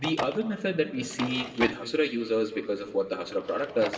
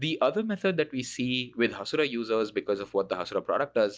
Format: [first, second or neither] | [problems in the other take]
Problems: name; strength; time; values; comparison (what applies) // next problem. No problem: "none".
second | background sound (Drawer open or close); 10 dB below the speech // room echo; dies away in 2.2 s